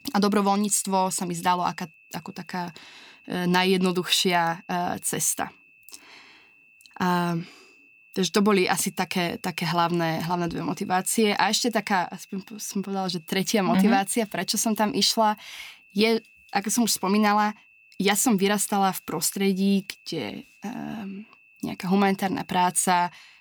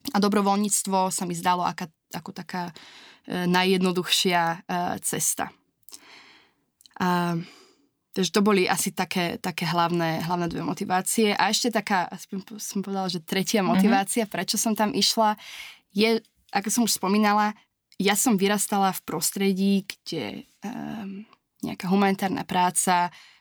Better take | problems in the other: second | high-pitched whine; faint; throughout; 2.5 kHz, 30 dB below the speech

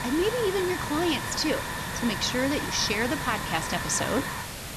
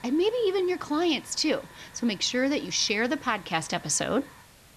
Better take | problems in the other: second | hiss; loud; throughout; 3 dB below the speech; faint in the second

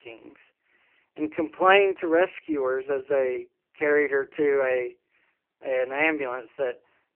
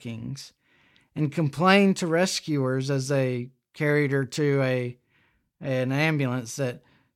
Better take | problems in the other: second | phone-call audio; poor line; nothing above 3 kHz

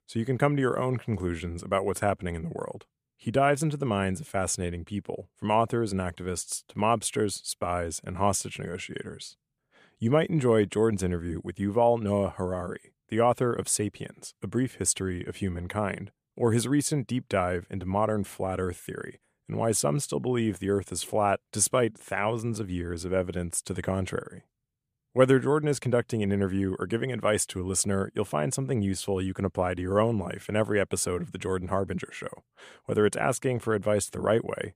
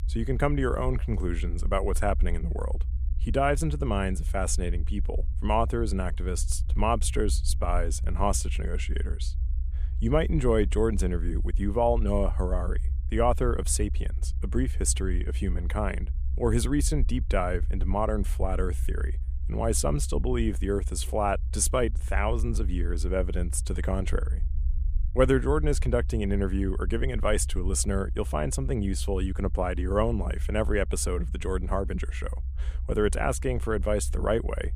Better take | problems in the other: first | low rumble; faint; throughout; 20 dB below the speech

